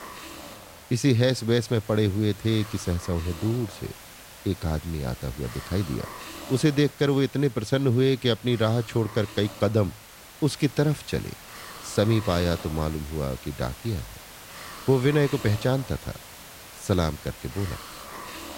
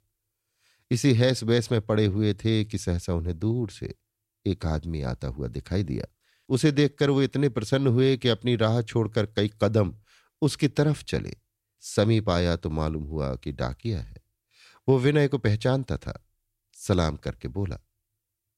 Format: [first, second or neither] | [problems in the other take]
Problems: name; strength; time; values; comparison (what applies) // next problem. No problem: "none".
second | hiss; noticeable; throughout; 15 dB below the speech